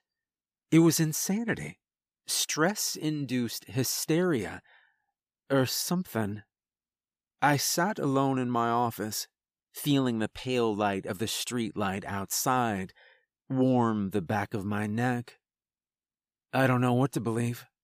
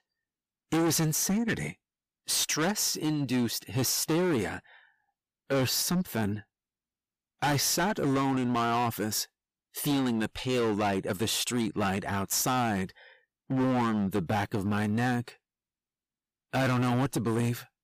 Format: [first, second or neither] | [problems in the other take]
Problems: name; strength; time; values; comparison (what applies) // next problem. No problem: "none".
first | distortion; heavy; 15% of the sound clipped